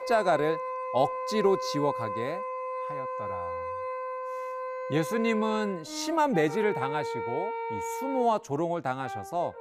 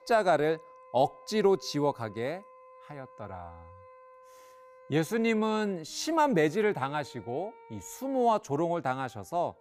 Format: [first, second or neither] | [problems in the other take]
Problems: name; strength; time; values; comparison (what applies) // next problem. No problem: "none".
second | background music; loud; throughout; 5 dB below the speech; faint in the second